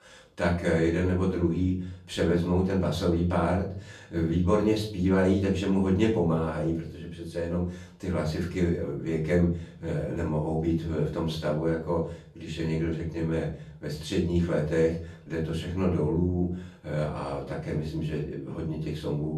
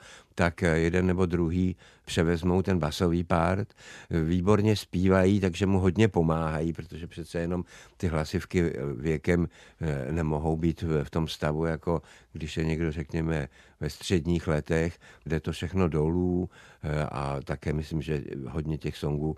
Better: second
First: off-mic speech; far // room echo; slight; dies away in 0.4 s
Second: none

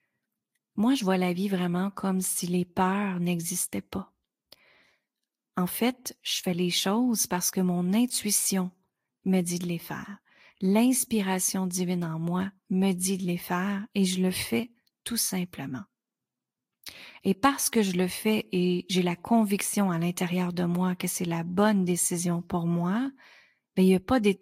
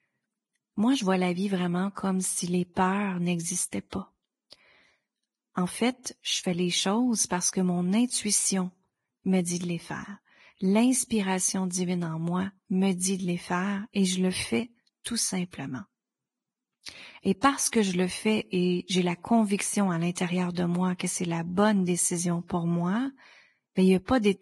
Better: first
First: garbled, watery; slightly; nothing above 15 kHz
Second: garbled, watery; badly; nothing above 10.5 kHz

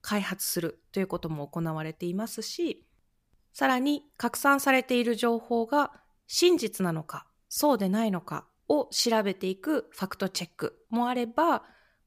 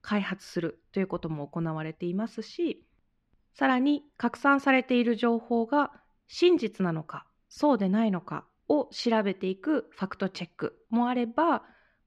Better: first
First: none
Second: muffled; slightly; fading above 2.5 kHz

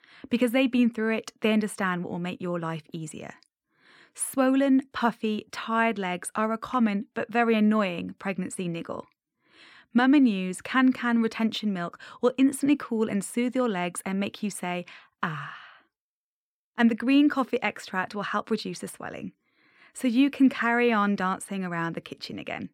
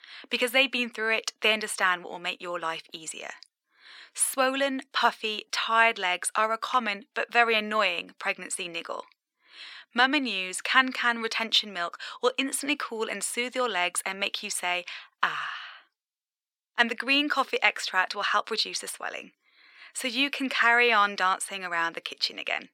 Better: first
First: none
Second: thin; very; fading below 600 Hz

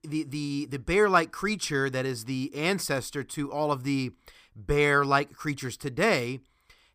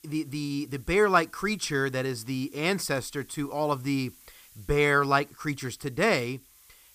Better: first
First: none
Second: hiss; faint; throughout; 25 dB below the speech

